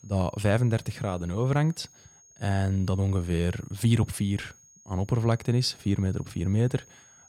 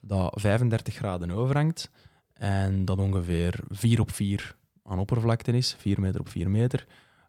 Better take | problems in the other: second | high-pitched whine; faint; throughout; 6.5 kHz, 25 dB below the speech

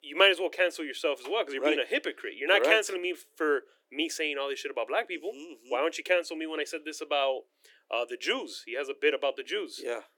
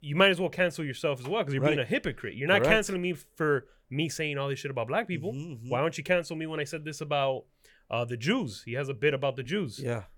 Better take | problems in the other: second | thin; somewhat; fading below 300 Hz

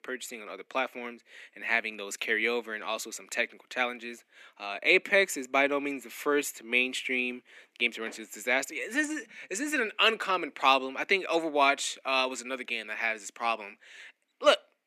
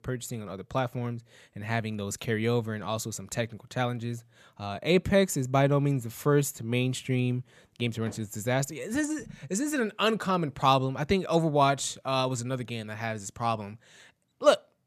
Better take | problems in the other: second | thin; somewhat; fading below 250 Hz

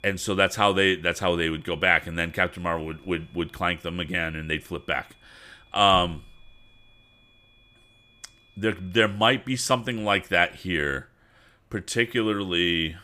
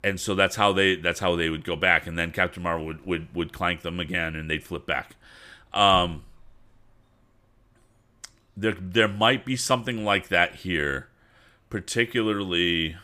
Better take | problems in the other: second | high-pitched whine; faint; until 9 s; 3.5 kHz, 35 dB below the speech

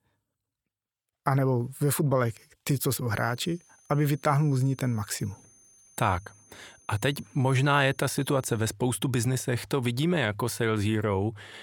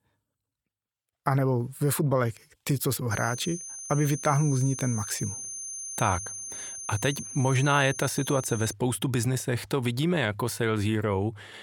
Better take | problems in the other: first | high-pitched whine; loud; from 3 to 8.5 s; 6.5 kHz, 8 dB below the speech; faint in the first

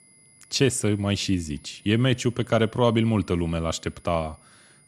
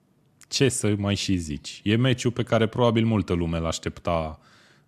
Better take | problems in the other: second | high-pitched whine; faint; throughout; 10.5 kHz, 30 dB below the speech

